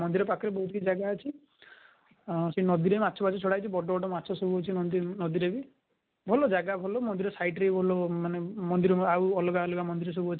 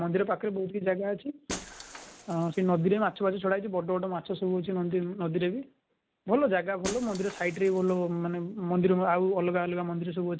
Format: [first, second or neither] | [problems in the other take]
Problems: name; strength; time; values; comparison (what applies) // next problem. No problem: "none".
first | background sound (Shatter); 19 dB below the speech